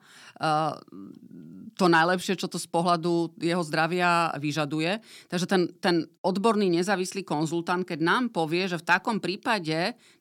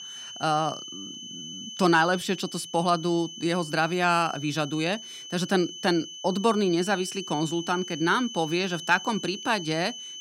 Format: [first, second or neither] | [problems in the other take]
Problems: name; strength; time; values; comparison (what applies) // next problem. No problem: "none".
first | high-pitched whine; noticeable; throughout; 3 kHz, 10 dB below the speech